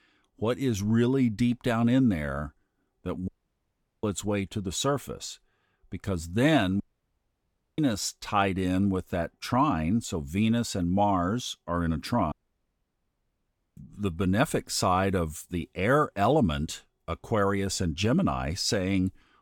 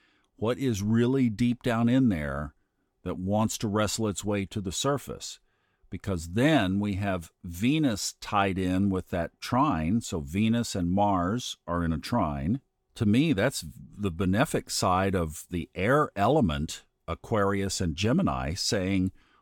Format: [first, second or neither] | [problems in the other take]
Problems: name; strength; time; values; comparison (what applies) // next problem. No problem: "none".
second | audio cutting out; at 3.5 s for 1 s, at 7 s for 1 s and at 12 s for 1.5 s